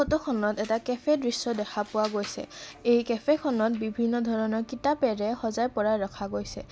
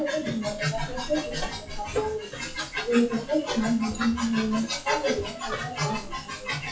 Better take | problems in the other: first | noise reduction (classical method WPE with log-MMSE)

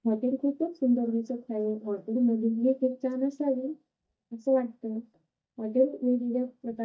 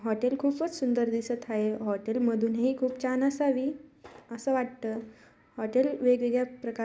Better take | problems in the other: second | noise reduction (neural mask model DeepFilterNet 3)

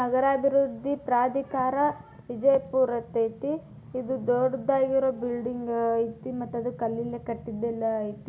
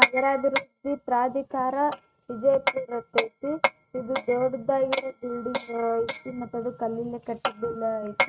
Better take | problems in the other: first | noise reduction (neural mask model RNNoise)

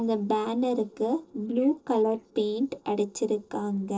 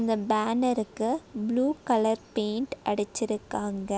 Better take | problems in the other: second | noise reduction (neural separator model SepFormer DNS4)

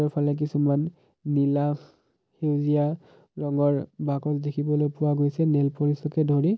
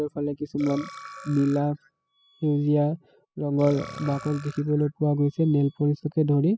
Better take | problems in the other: first | noise reduction (classical method spectral subtraction)

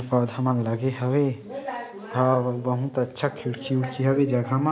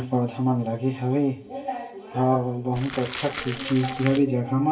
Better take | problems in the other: first | background sound (Crumpling, crinkling); 12 dB below the speech // room echo; dies away in 0.1 s

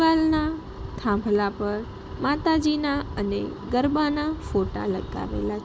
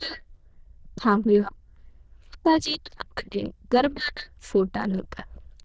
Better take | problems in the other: first | noise reduction (neural diffusion model UNIVERSE++)

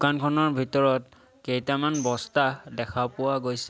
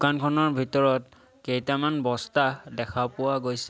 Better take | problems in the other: second | background sound (Tambourine); 20 dB below the speech

